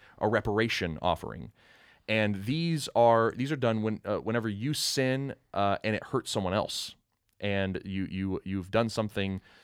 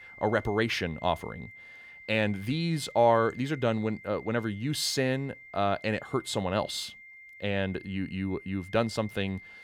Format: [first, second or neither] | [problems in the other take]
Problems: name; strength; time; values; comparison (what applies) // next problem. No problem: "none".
first | high-pitched whine; noticeable; throughout; 2 kHz, 20 dB below the speech